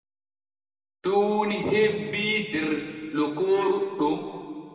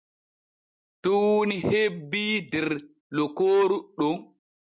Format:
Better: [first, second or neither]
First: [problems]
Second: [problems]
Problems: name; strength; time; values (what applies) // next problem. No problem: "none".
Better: second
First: room echo; dies away in 2.3 s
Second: none